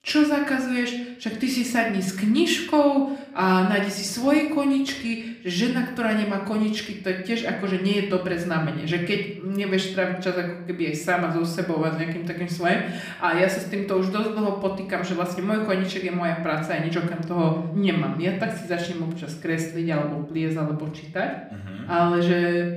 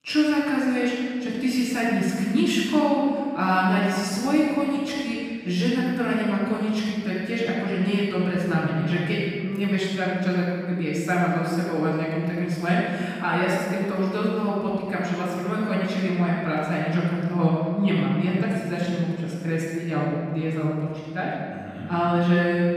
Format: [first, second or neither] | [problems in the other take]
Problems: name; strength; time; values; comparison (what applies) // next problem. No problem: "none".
first | room echo; strong; dies away in 2.1 s; slight in the first // off-mic speech; far; somewhat distant in the first